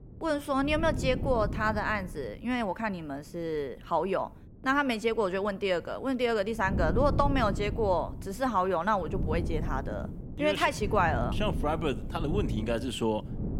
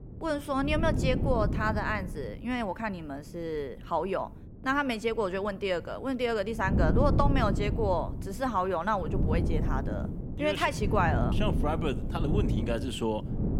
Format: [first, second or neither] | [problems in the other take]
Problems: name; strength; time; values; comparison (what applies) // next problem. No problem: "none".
first | wind noise on the microphone; heavy; 9 dB below the speech; occasional gusts in the first